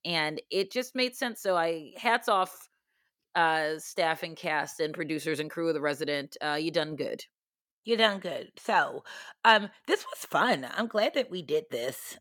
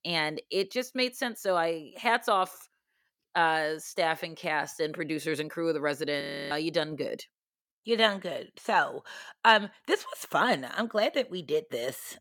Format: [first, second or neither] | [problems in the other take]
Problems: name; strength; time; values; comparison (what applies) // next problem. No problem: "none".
first | audio freezing; at 6 s